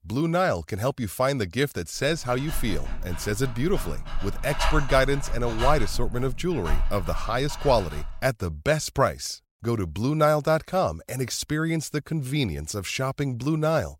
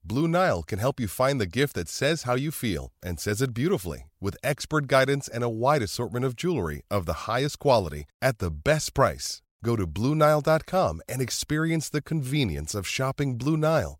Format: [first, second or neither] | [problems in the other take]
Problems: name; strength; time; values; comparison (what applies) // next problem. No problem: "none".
second | dog barking; noticeable; from 2.5 to 8 s; peak 1 dB below the speech